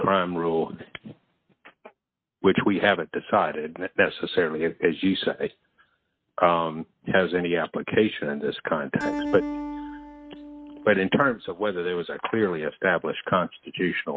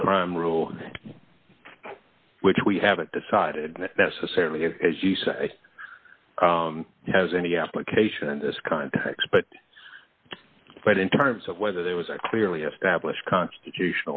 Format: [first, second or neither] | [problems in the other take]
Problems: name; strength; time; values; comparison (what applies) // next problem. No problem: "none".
second | noise reduction (neural mask model RNNoise)